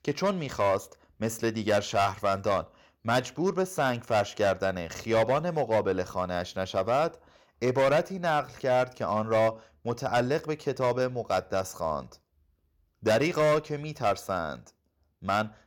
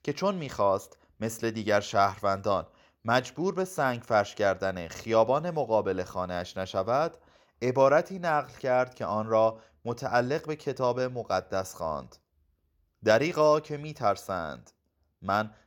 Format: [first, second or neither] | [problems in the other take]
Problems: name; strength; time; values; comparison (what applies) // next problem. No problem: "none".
second | distortion; slight; 5% of the sound clipped